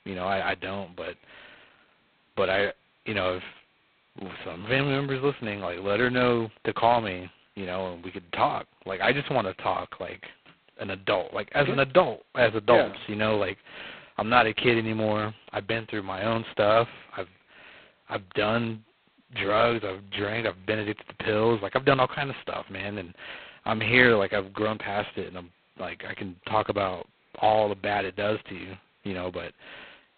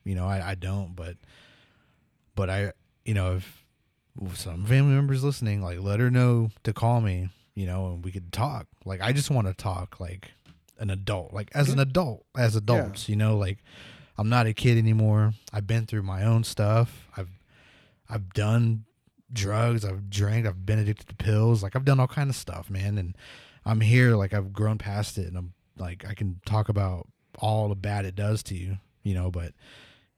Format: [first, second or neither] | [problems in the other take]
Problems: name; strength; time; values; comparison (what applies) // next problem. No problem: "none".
second | phone-call audio; poor line; nothing above 4 kHz